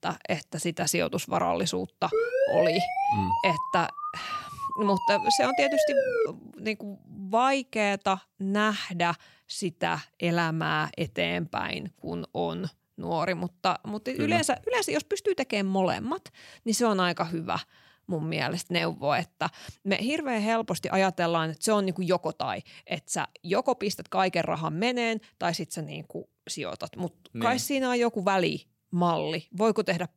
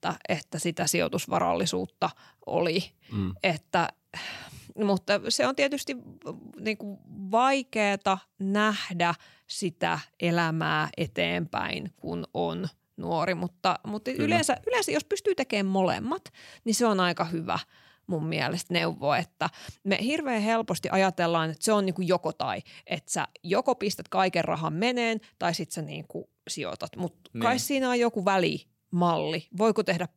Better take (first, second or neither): second